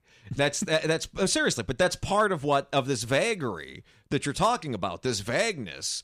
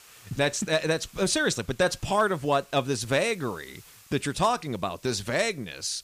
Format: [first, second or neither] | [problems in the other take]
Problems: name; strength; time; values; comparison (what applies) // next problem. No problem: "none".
first | hiss; faint; throughout; 25 dB below the speech